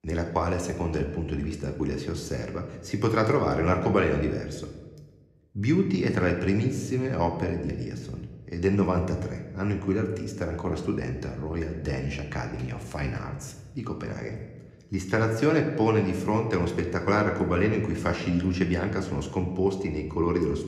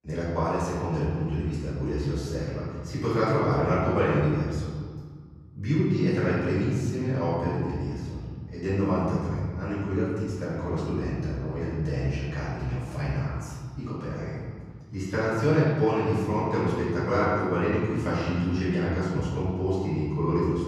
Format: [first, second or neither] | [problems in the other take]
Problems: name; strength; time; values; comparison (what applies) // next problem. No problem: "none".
first | room echo; strong; dies away in 1.9 s; slight in the first // off-mic speech; far